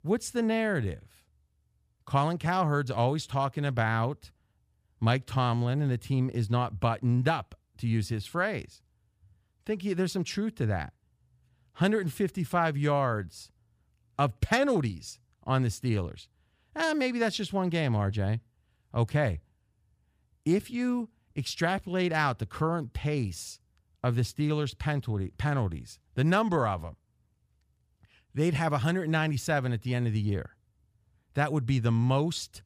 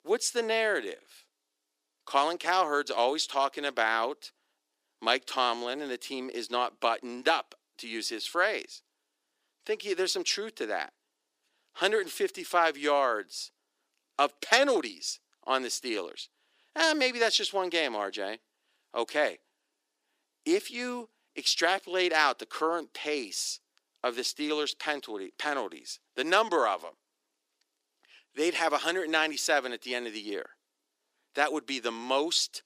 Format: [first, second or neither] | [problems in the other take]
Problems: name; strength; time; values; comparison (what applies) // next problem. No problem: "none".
first | thin; very; fading below 300 Hz